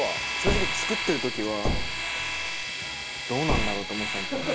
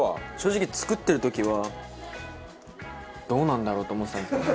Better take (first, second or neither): second